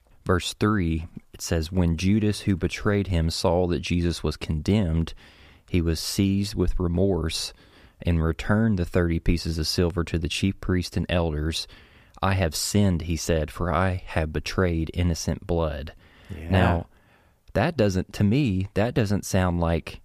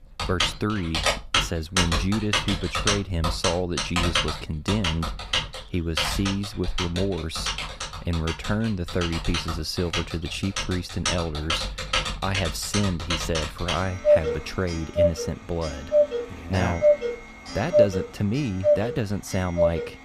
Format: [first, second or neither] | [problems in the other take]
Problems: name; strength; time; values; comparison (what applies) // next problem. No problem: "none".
first | household noises; very loud; throughout; 2 dB above the speech